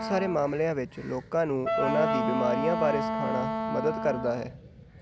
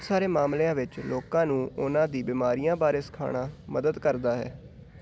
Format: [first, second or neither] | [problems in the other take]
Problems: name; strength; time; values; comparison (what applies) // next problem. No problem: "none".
second | background sound (Wind instrument, woodwind instrument); 2 dB below the speech